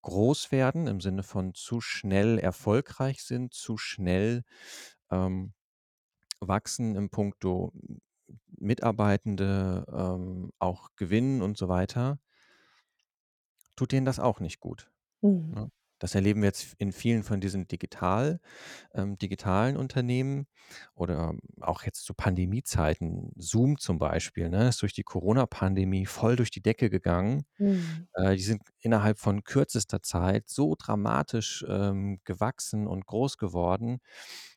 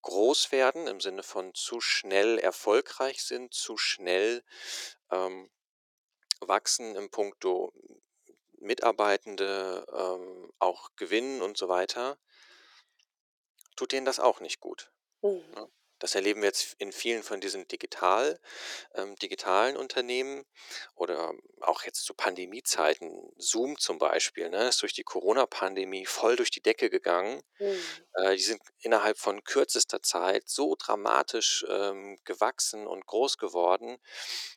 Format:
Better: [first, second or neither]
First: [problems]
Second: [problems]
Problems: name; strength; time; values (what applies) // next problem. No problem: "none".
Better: first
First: none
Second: thin; very; fading below 350 Hz